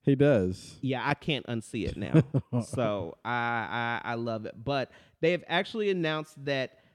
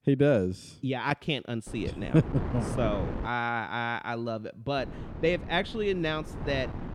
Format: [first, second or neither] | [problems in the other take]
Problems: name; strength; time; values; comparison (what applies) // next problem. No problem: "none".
first | wind noise on the microphone; occasional gusts; from 1.5 to 3.5 s and from 5 s on; 10 dB below the speech